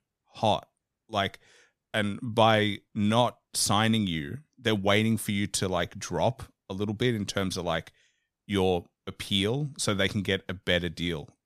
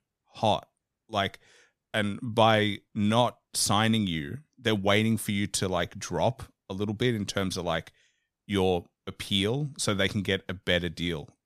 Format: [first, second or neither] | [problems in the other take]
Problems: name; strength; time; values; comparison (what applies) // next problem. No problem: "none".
neither | none